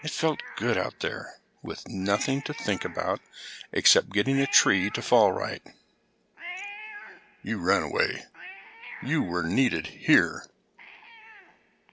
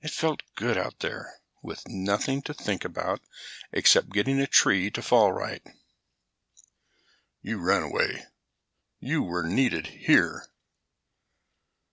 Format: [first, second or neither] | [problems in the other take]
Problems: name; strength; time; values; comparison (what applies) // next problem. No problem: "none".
second | background sound (Cat); 17 dB below the speech